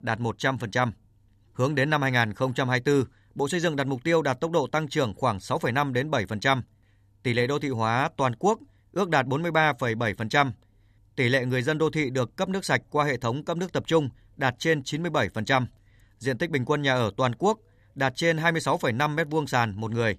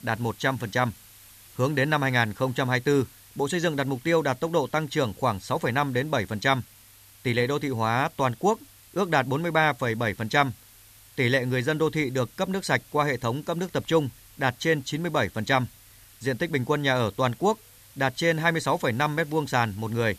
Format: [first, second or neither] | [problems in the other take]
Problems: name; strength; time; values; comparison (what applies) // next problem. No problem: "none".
first | hiss; faint; throughout; 25 dB below the speech